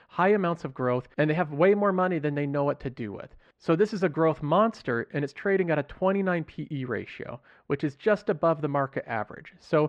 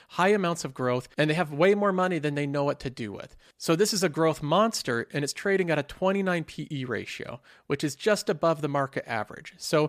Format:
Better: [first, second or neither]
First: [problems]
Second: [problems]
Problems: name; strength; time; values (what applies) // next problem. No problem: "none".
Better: second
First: muffled; very; fading above 2 kHz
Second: none